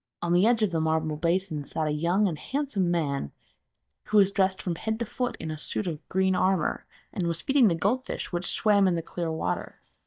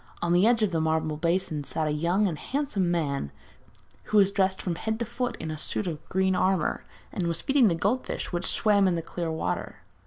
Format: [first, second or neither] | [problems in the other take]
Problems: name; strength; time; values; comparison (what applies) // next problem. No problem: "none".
second | noise reduction (neural mask model DeepFilterNet 3)